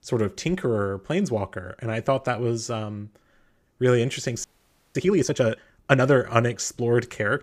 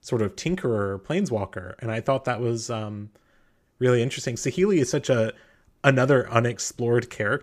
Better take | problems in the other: second | audio freezing; at 4.5 s for 0.5 s

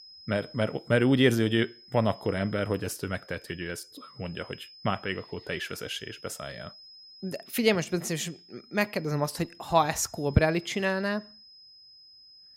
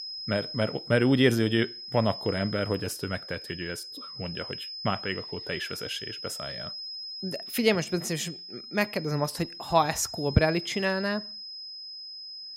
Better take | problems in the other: first | high-pitched whine; loud; throughout; 5 kHz, 9 dB below the speech; faint in the first

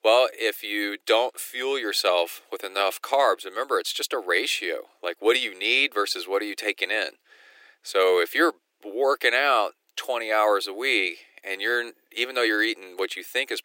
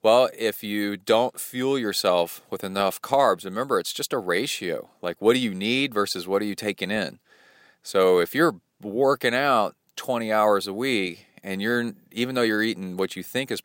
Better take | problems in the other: second | thin; very; fading below 300 Hz

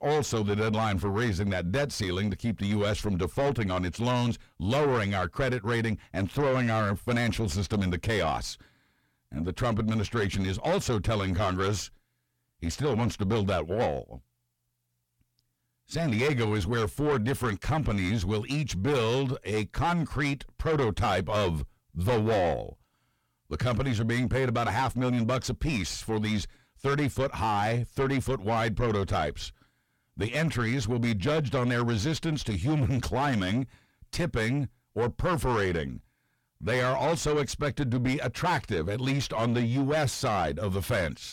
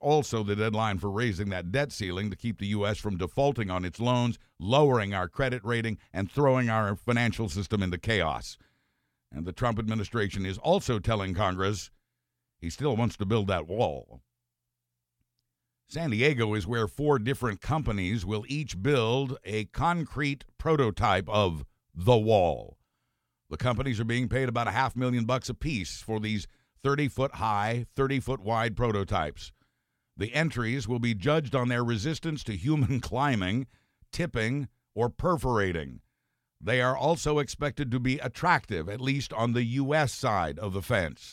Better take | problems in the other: second | distortion; heavy; 6 dB below the speech

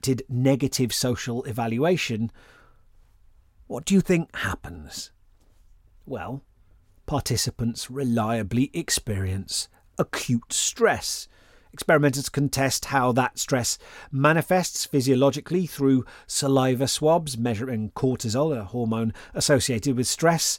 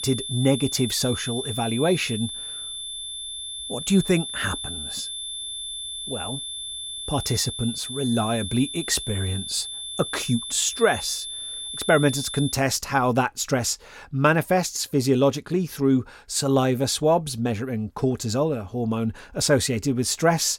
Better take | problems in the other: first | high-pitched whine; loud; until 13 s; 3.5 kHz, 7 dB below the speech

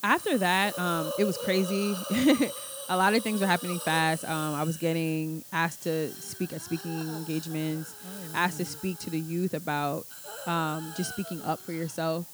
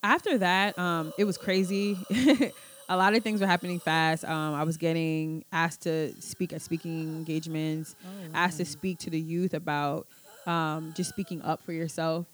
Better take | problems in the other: second | hiss; loud; throughout; 9 dB below the speech; faint in the second

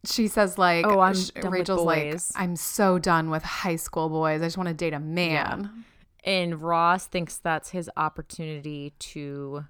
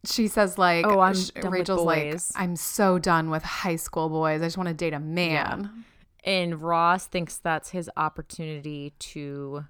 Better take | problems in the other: neither | none

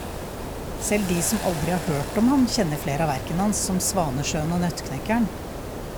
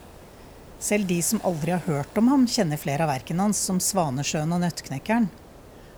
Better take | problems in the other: second | hiss; loud; throughout; 8 dB below the speech; faint in the second

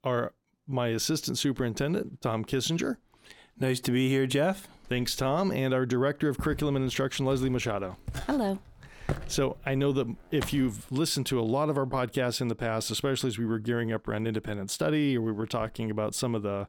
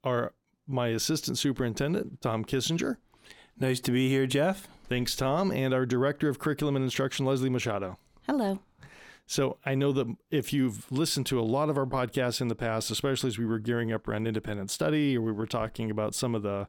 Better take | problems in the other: second | footsteps; noticeable; from 6.5 to 11 s; peak 6 dB below the speech

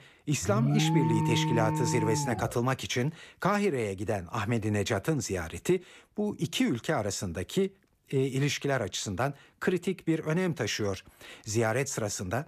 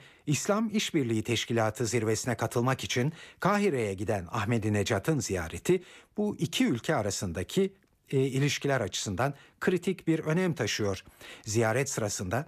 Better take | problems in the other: second | alarm; loud; until 2.5 s; peak 3 dB above the speech

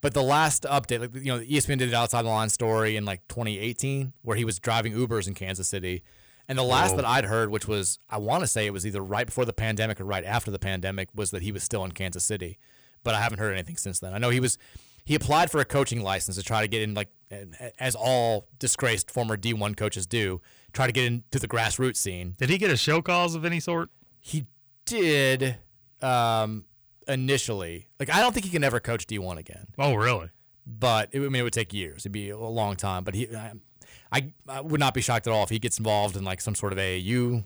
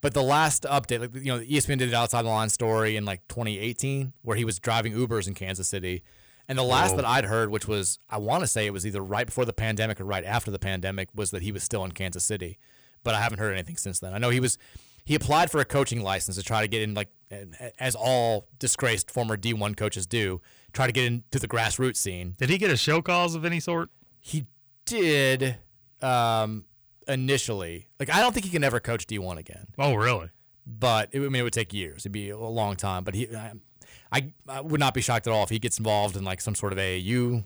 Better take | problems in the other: neither | distortion; slight; 10 dB below the speech; the same in both

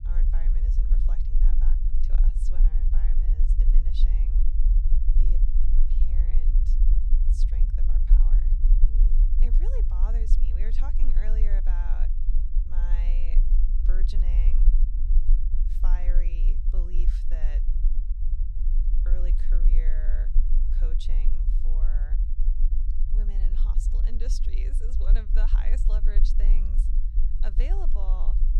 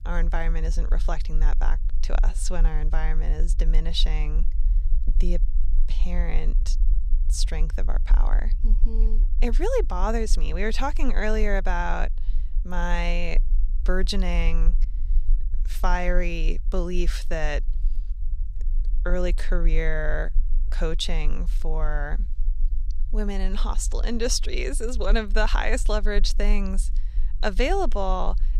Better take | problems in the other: second | low rumble; loud; throughout; 3 dB below the speech; faint in the second

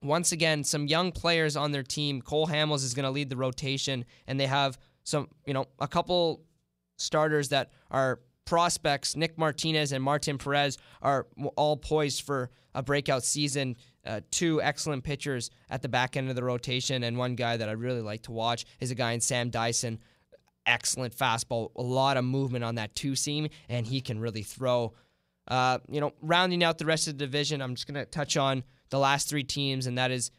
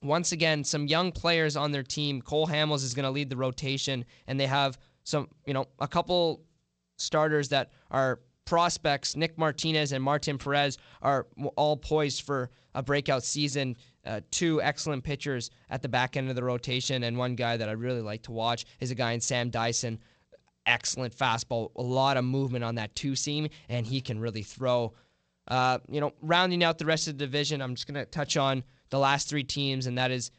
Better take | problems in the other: first | garbled, watery; slightly; nothing above 8 kHz

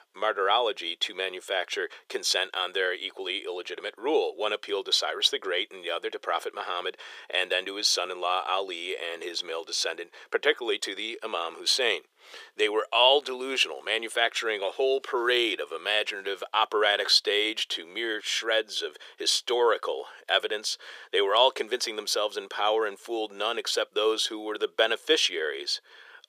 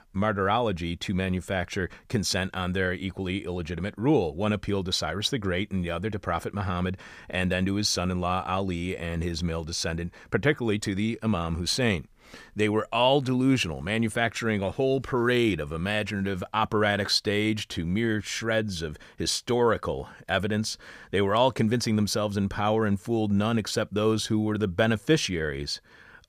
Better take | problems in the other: second | thin; very; fading below 400 Hz

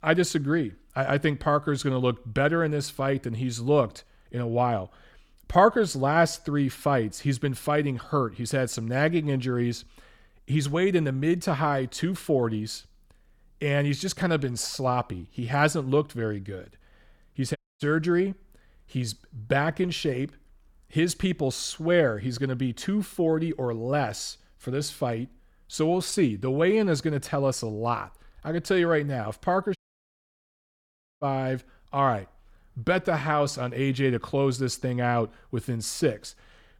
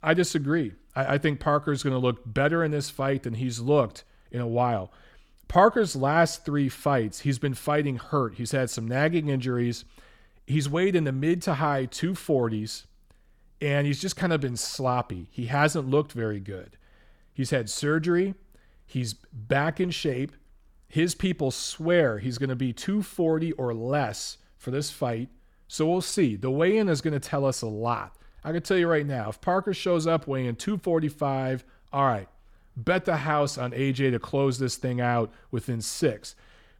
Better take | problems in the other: second | audio cutting out; at 18 s and at 30 s for 1.5 s

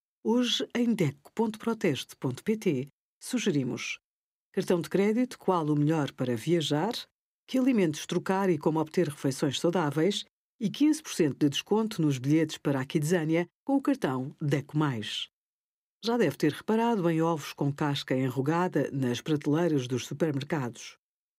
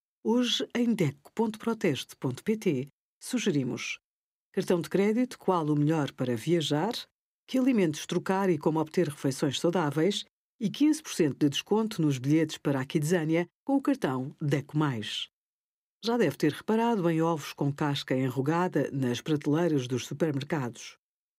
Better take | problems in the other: neither | none

